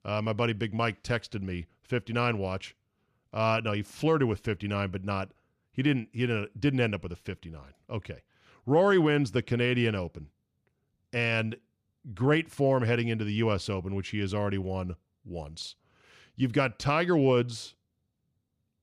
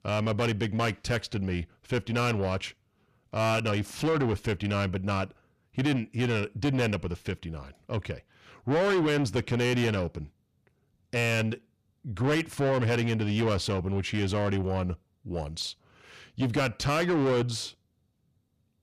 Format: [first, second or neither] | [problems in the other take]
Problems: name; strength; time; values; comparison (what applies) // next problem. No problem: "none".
first | distortion; heavy; 8 dB below the speech